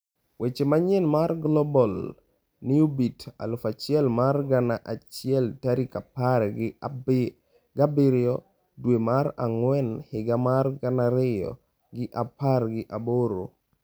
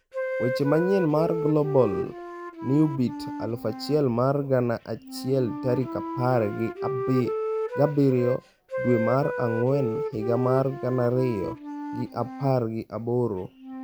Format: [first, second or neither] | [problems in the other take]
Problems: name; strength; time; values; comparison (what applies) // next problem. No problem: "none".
first | background sound (Wind instrument, woodwind instrument); 7 dB below the speech